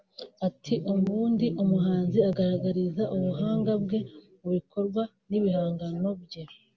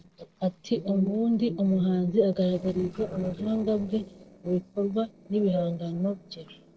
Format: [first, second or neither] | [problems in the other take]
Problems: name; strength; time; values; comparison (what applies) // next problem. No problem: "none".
first | noise reduction (neural separator model SepFormer DNS4)